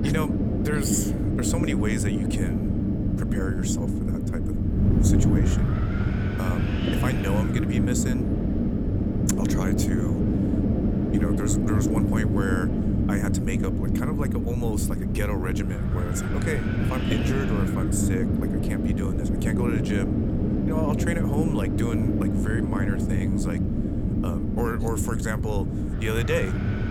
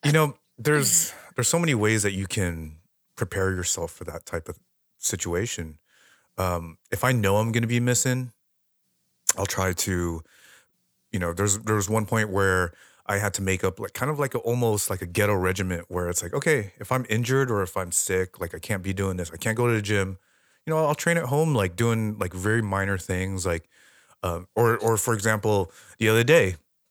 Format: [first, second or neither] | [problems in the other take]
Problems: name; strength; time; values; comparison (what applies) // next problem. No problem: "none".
second | wind noise on the microphone; heavy; 1 dB above the speech